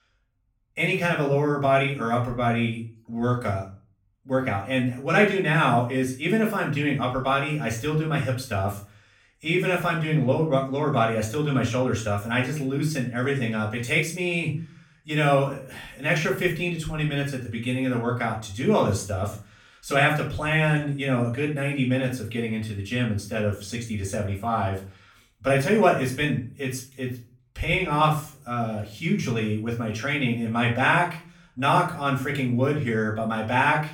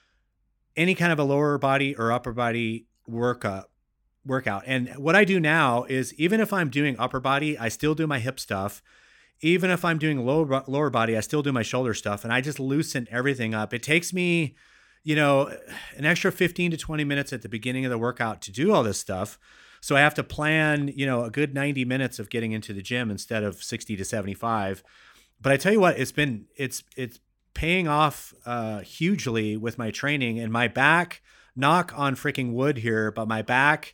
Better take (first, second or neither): second